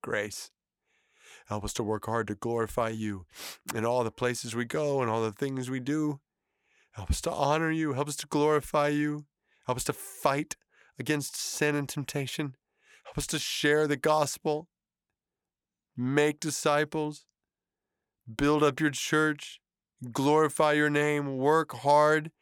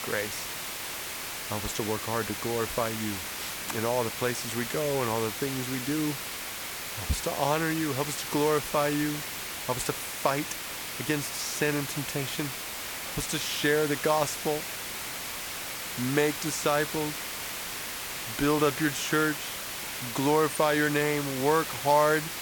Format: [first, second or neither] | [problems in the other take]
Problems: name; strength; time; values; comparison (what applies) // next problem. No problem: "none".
first | hiss; loud; throughout; 5 dB below the speech